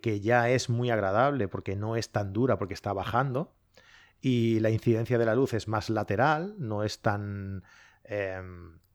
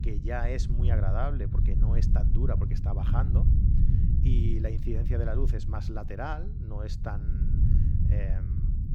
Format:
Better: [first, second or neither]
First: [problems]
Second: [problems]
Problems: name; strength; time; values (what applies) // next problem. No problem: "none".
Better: first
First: none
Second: low rumble; loud; throughout; 4 dB below the speech